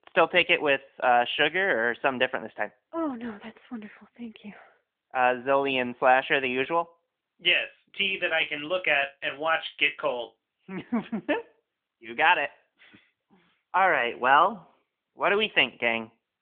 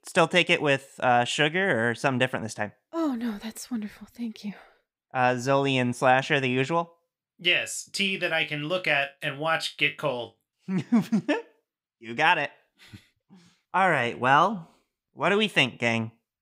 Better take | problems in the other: second | phone-call audio; nothing above 3 kHz

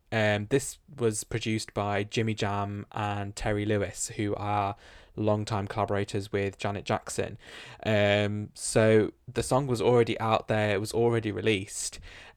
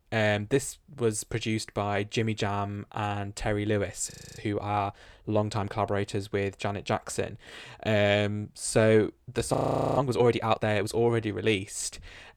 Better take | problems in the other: first | audio freezing; at 4 s and at 9.5 s

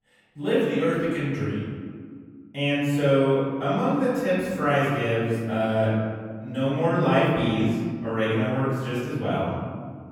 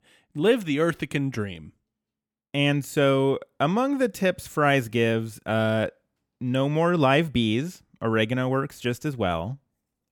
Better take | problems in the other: second | off-mic speech; far // room echo; strong; dies away in 1.8 s

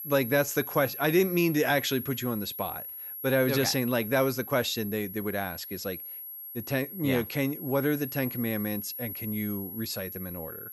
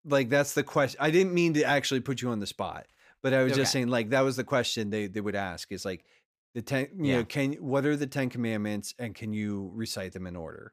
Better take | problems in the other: second | high-pitched whine; loud; throughout; 11.5 kHz, 8 dB below the speech

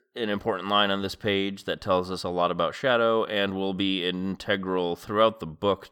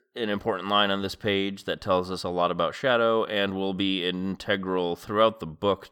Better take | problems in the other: neither | none

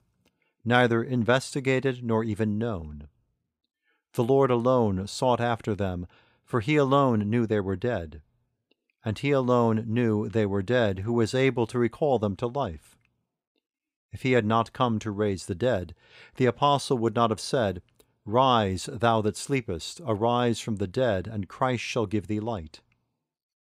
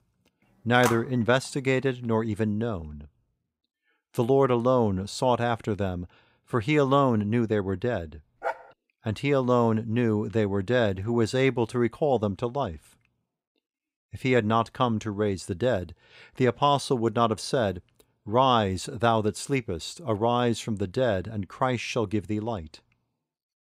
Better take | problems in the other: first | phone ringing; noticeable; at 1 s; peak 6 dB below the speech // dog barking; noticeable; at 8.5 s; peak 8 dB below the speech

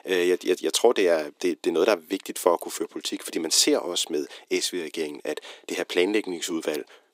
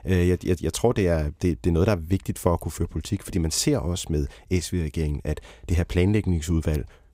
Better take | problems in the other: second | thin; very; fading below 300 Hz

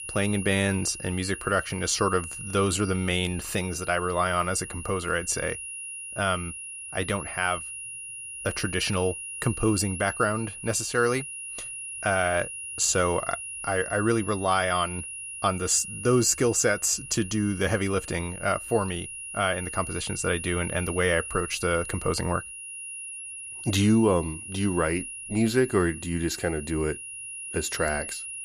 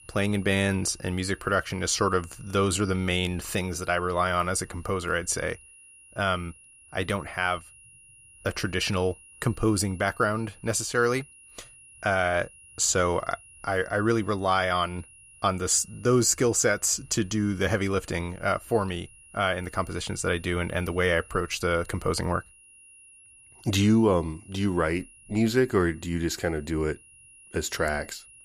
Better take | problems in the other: second | high-pitched whine; loud; throughout; 10.5 kHz, 9 dB below the speech; faint in the second

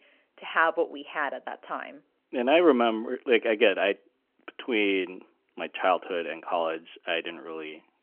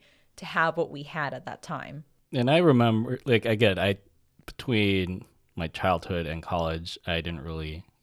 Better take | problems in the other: second | phone-call audio; nothing above 3 kHz

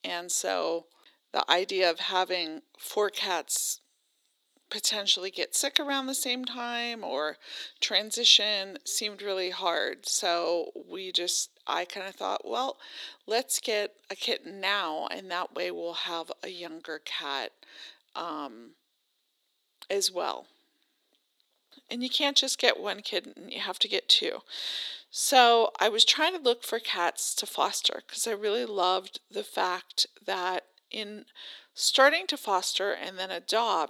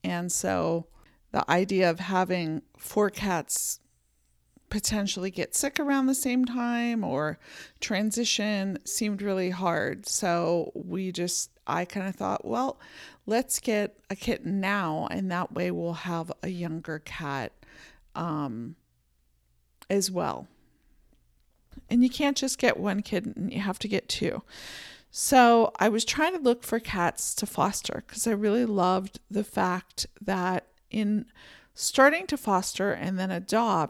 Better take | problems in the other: second | thin; somewhat; fading below 350 Hz

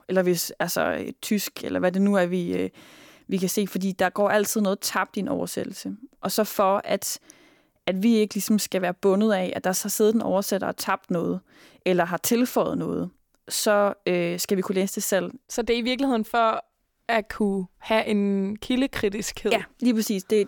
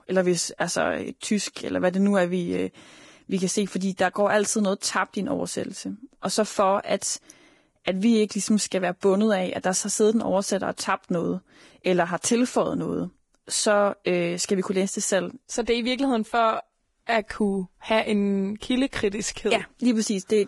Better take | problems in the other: first | garbled, watery; badly; nothing above 11 kHz

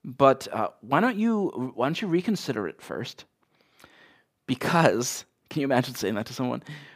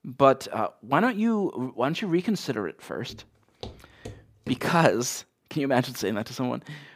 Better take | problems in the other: first | footsteps; faint; from 3 to 4.5 s; peak 15 dB below the speech

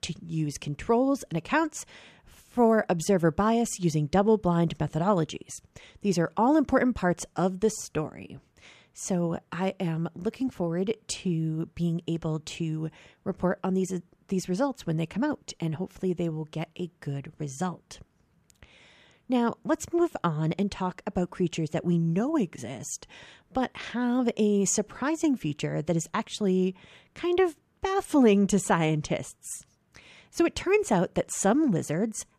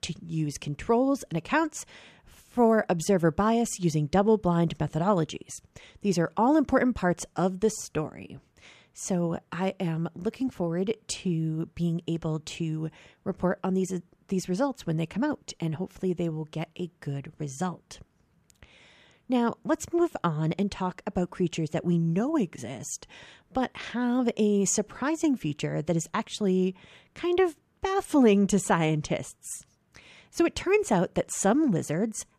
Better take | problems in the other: neither | none

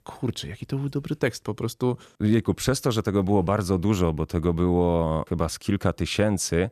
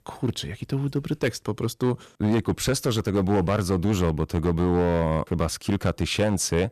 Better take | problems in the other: first | distortion; slight; 9% of the sound clipped

